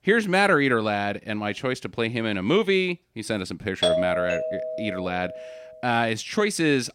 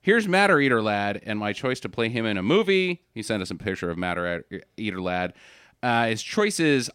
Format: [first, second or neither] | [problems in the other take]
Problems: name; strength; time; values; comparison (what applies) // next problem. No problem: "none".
second | doorbell; loud; from 4 to 5.5 s; peak 2 dB above the speech